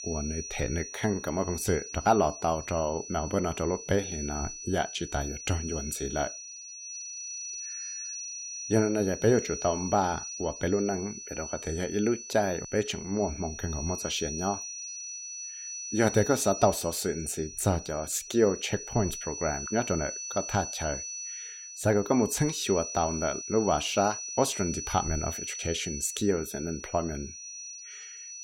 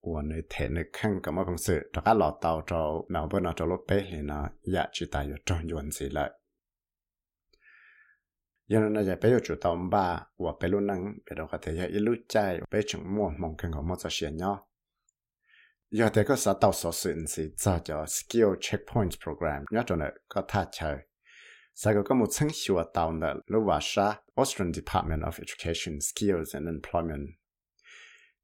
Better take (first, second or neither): second